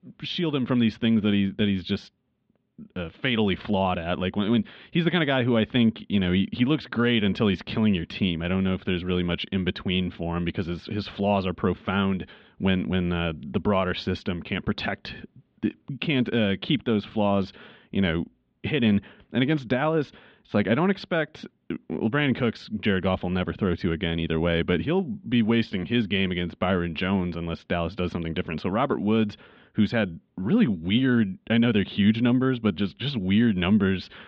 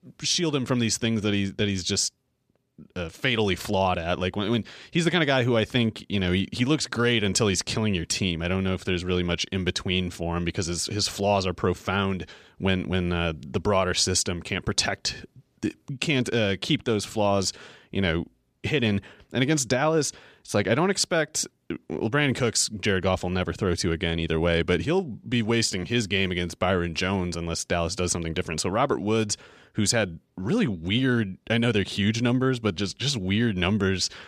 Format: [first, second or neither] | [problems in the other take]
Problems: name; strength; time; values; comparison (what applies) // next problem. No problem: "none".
second | muffled; very; fading above 3.5 kHz